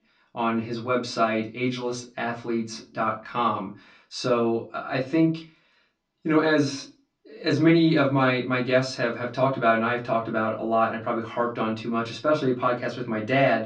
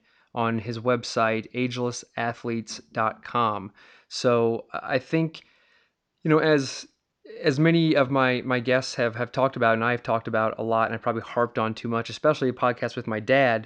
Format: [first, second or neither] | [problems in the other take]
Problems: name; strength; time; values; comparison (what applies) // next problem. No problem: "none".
second | off-mic speech; far // room echo; very slight; dies away in 0.2 s